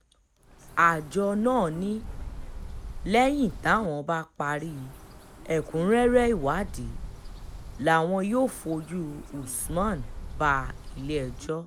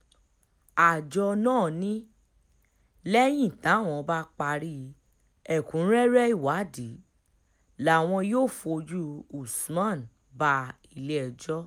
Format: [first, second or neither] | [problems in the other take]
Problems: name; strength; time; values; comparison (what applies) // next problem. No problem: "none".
second | background sound (Bird); 12 dB below the speech